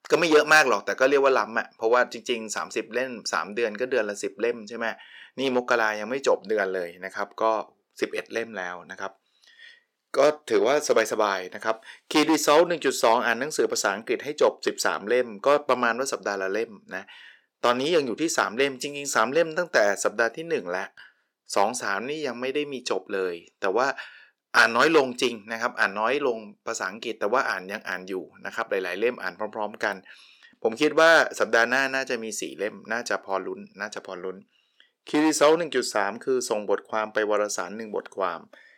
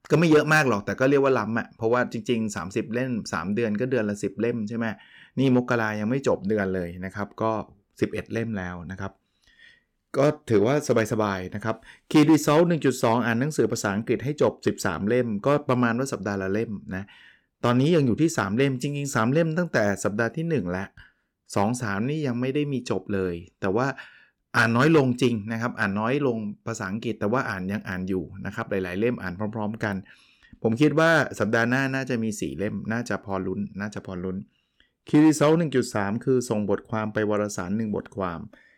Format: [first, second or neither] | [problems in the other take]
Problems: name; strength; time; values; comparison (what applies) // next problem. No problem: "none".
second | thin; somewhat; fading below 550 Hz